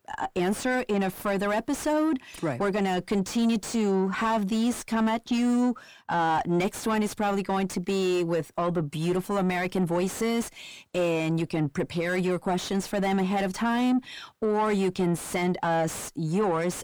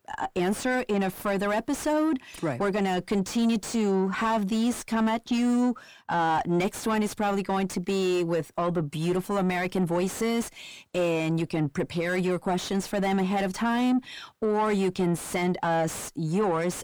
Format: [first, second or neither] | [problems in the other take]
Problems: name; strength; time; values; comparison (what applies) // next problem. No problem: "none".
neither | distortion; heavy; 6 dB below the speech; the same in both